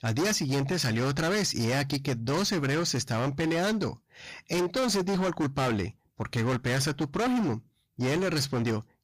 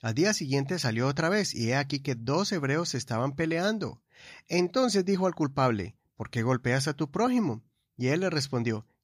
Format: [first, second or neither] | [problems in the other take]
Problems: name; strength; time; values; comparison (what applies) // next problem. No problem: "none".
second | distortion; heavy; 26% of the sound clipped